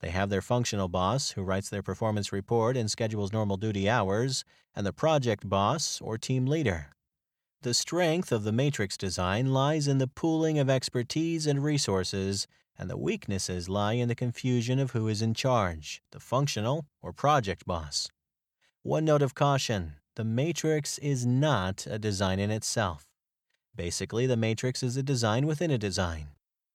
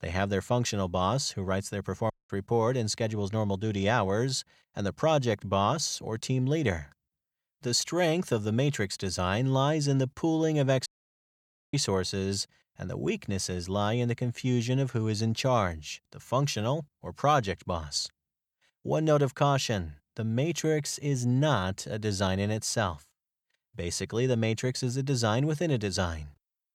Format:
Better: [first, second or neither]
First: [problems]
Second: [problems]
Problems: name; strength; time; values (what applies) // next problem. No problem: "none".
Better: first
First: none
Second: audio cutting out; at 2 s and at 11 s for 1 s